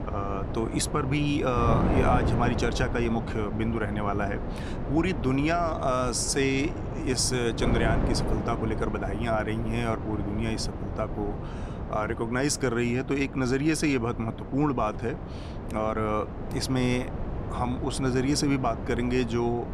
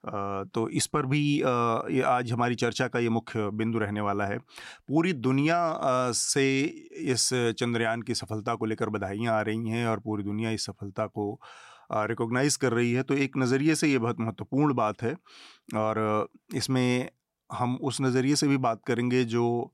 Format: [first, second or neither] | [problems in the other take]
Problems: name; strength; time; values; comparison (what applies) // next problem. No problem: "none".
second | wind noise on the microphone; heavy; 8 dB below the speech